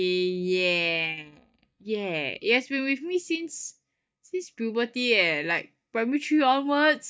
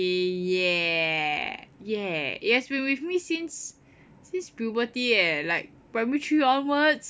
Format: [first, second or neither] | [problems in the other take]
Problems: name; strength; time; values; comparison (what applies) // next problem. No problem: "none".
second | noise reduction (neural mask model DeepFilterNet 3)